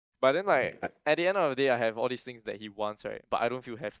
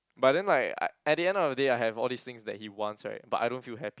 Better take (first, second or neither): second